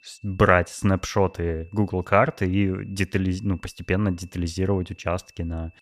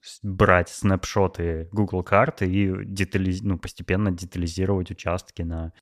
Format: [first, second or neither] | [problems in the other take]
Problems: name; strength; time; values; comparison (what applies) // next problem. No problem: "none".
second | high-pitched whine; faint; throughout; 2.5 kHz, 30 dB below the speech